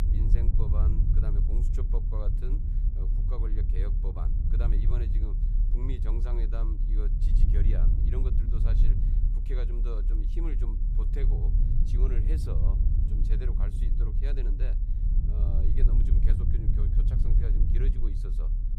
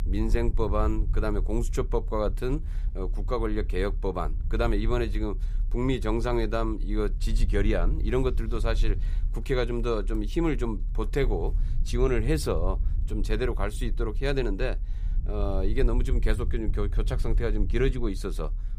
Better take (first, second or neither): second